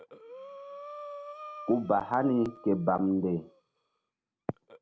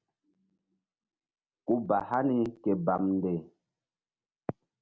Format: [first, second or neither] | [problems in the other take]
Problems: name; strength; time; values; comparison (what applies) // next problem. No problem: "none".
second | background sound (Breathing); 16 dB below the speech